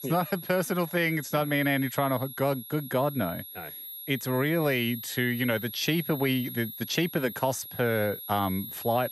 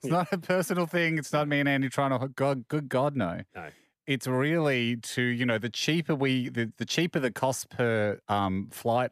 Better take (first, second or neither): second